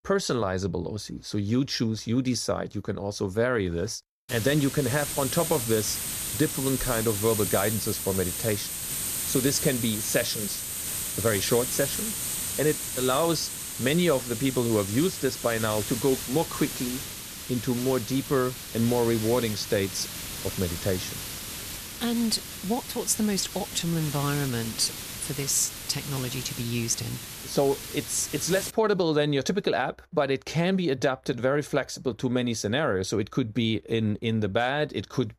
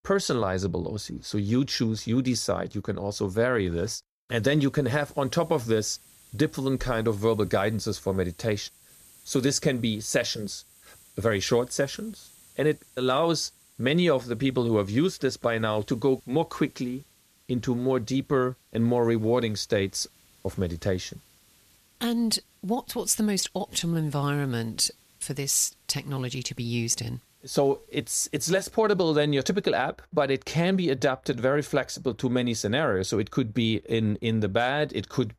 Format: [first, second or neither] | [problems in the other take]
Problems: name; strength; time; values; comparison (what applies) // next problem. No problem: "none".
second | hiss; loud; from 4.5 to 29 s; 4 dB below the speech; faint in the second